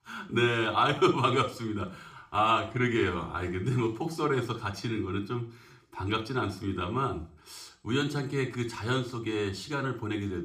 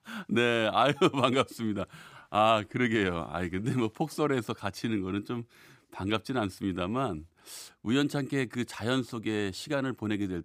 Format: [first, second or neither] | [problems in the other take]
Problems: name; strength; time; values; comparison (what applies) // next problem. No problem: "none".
second | room echo; very slight; dies away in 0.4 s // off-mic speech; somewhat distant